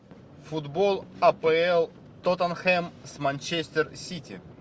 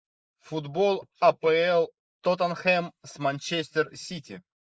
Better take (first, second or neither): first